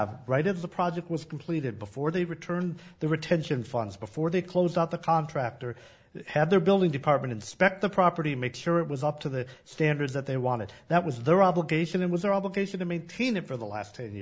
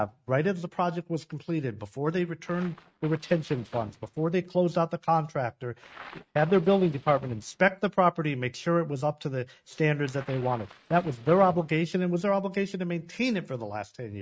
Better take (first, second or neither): first